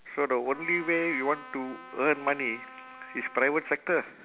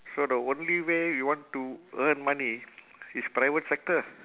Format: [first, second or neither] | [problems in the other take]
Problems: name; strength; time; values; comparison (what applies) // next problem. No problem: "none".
second | background sound (Trumpet); 17 dB below the speech